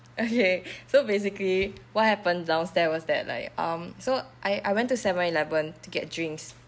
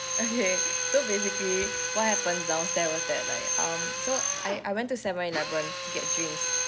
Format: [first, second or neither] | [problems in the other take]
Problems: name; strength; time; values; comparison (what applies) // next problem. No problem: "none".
first | background sound (Drill); 1 dB above the speech